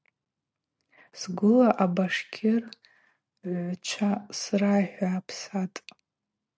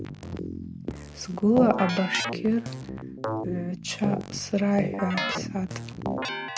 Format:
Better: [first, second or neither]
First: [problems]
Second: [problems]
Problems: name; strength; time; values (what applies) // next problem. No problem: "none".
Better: first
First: none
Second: background sound (Keyboard (musical)); 4 dB below the speech